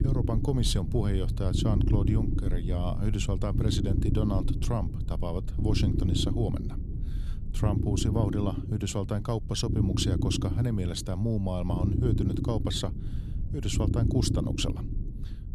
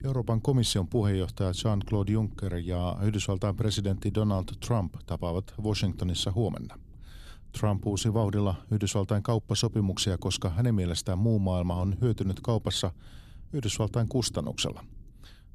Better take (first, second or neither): second